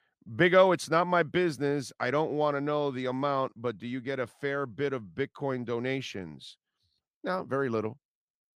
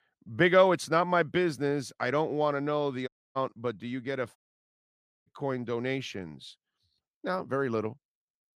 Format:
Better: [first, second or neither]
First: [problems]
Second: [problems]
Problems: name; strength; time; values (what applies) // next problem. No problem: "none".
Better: first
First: none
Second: audio cutting out; at 3 s and at 4.5 s for 1 s